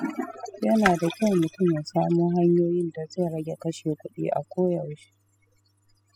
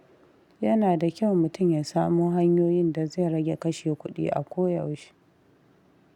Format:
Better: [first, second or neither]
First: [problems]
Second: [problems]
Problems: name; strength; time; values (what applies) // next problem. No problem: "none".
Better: second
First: noise reduction (classical method spectral subtraction)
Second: none